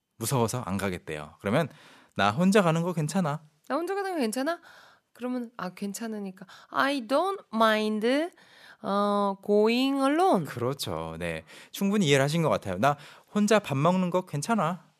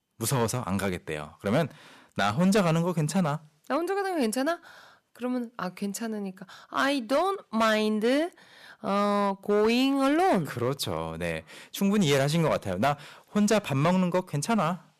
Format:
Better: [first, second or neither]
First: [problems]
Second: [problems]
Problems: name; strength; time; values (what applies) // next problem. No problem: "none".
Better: first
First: none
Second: distortion; slight; 5% of the sound clipped